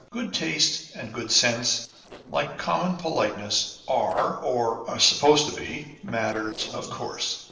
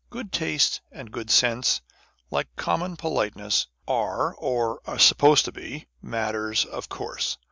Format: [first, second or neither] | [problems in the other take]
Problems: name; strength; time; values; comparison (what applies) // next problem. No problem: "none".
second | noise reduction (neural separator model SepFormer DNS4)